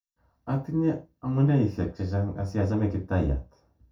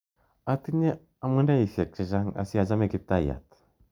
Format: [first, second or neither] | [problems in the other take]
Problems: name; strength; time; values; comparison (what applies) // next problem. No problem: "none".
second | room echo; dies away in 0.2 s